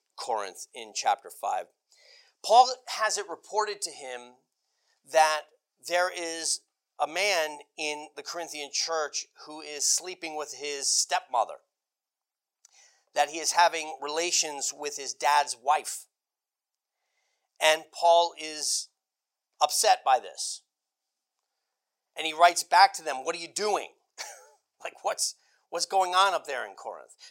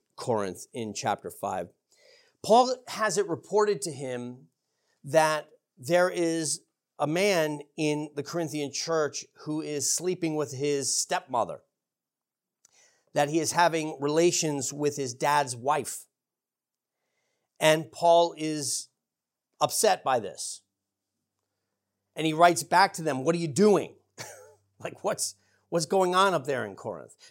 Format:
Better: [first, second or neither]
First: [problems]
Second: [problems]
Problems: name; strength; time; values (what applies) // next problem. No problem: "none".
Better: second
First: thin; very; fading below 750 Hz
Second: none